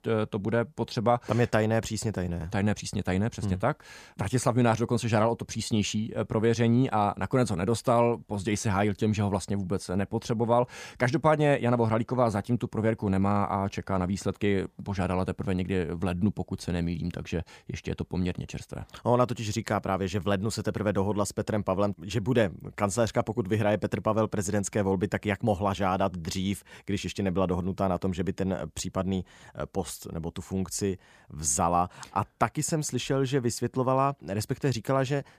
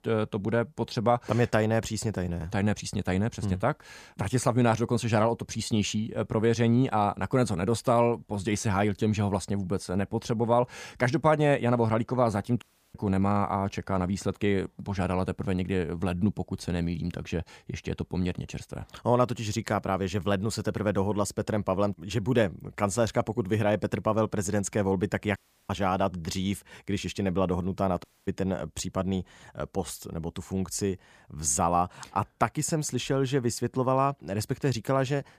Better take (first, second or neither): first